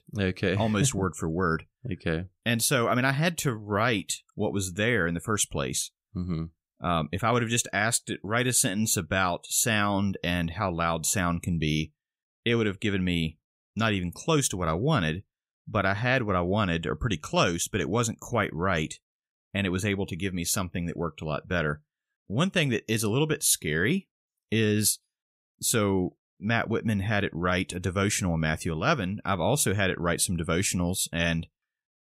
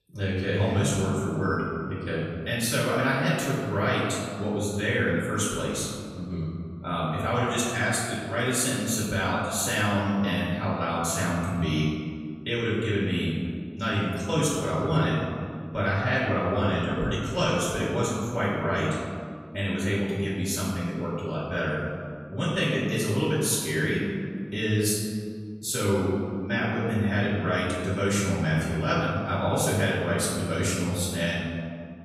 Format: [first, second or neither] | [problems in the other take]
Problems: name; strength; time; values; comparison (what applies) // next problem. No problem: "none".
first | off-mic speech; far // room echo; noticeable; dies away in 1.9 s